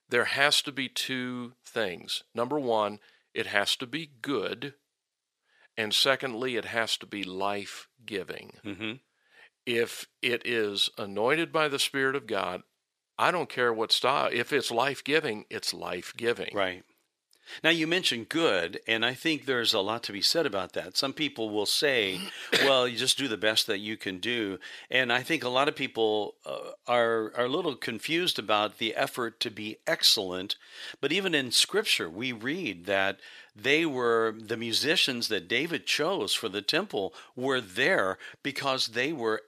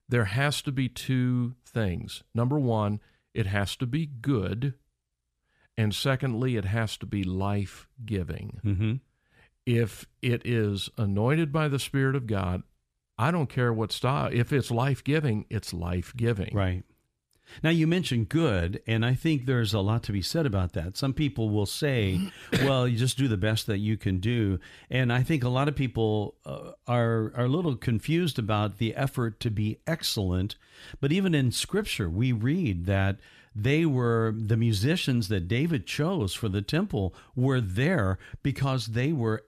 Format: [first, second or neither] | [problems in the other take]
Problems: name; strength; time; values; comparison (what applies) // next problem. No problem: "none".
second | thin; very; fading below 500 Hz